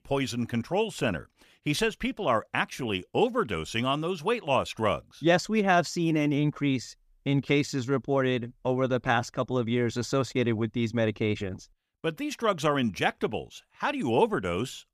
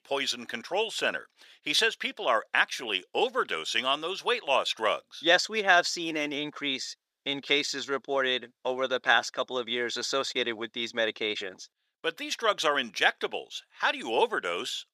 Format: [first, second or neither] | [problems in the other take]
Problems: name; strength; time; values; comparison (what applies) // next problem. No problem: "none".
first | thin; somewhat; fading below 500 Hz